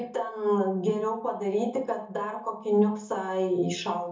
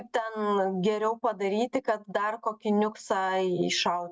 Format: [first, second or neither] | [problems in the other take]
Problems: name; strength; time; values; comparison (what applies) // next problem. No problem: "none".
second | room echo; dies away in 0.6 s